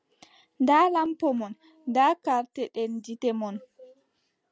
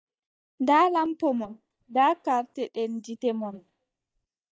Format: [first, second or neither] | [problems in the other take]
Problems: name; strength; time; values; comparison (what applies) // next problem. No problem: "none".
first | noise reduction (neural mask model DeepFilterNet 3)